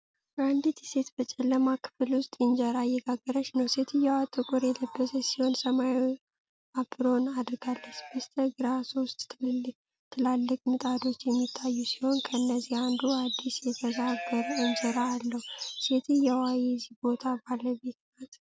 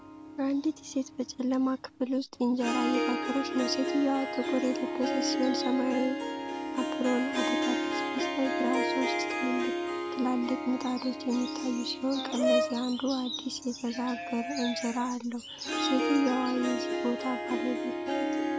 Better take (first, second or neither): first